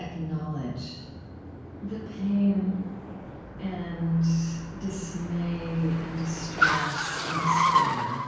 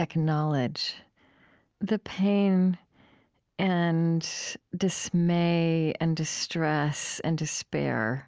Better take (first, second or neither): second